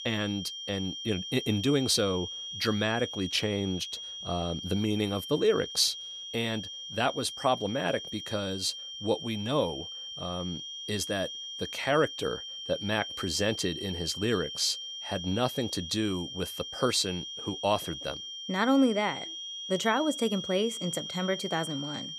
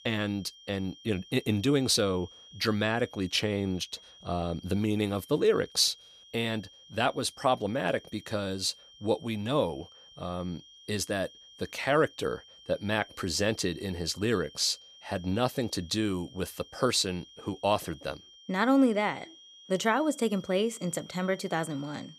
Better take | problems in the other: second | high-pitched whine; loud; throughout; 3 kHz, 7 dB below the speech; faint in the second

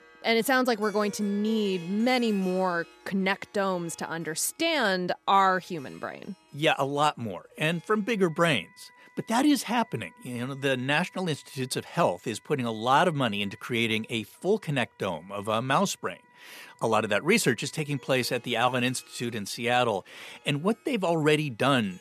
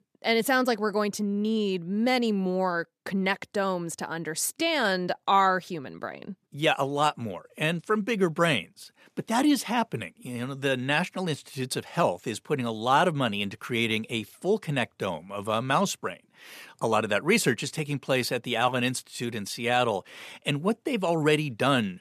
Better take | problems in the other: second | background music; faint; throughout; 25 dB below the speech

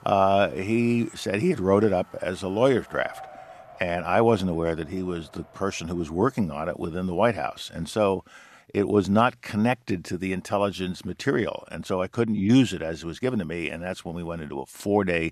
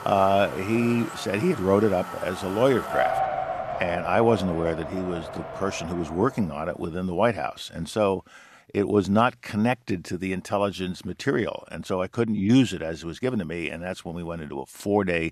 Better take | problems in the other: first | traffic noise; loud; until 6.5 s; 7 dB below the speech; faint in the first

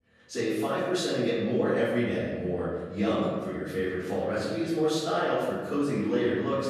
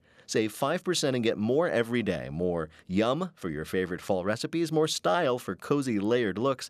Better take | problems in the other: second | off-mic speech; far // room echo; strong; dies away in 1.3 s

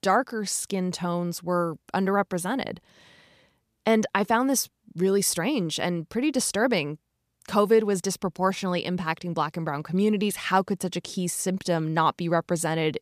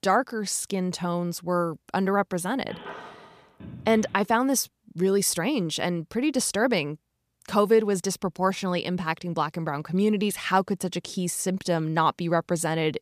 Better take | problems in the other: first | phone ringing; faint; from 2.5 to 4 s; peak 15 dB below the speech

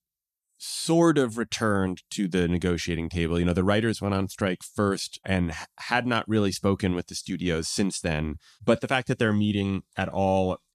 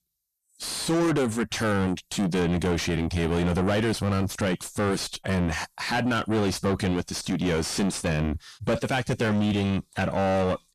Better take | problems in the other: first | distortion; heavy; 6 dB below the speech

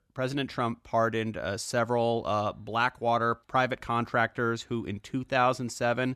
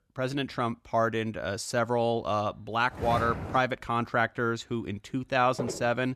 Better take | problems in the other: first | footsteps; noticeable; at 3 s and at 5.5 s; peak 5 dB below the speech

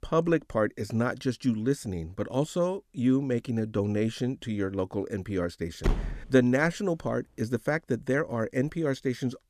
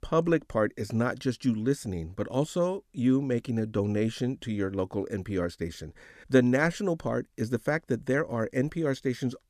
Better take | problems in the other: second | door banging; noticeable; at 6 s; peak 3 dB below the speech

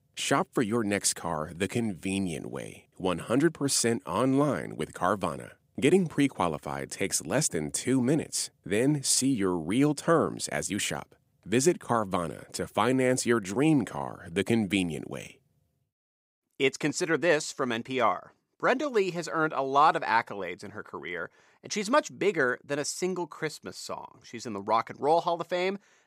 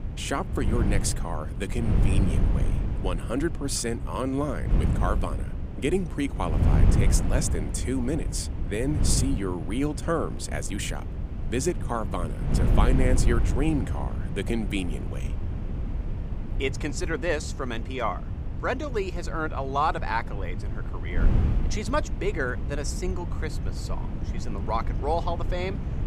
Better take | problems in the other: first | wind noise on the microphone; heavy; 10 dB below the speech

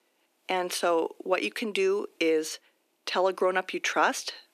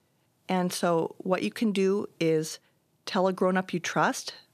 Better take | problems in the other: second | thin; somewhat; fading below 300 Hz

